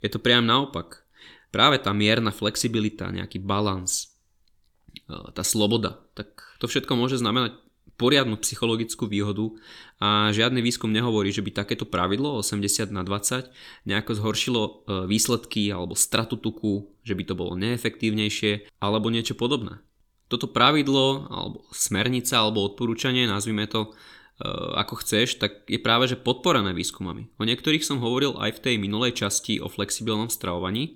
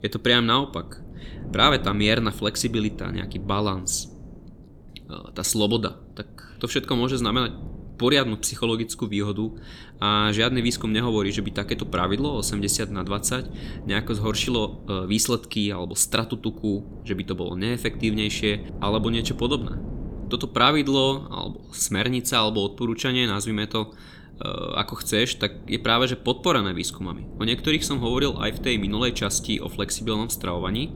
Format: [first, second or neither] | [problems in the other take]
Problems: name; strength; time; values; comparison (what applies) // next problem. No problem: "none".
first | wind noise on the microphone; occasional gusts; 20 dB below the speech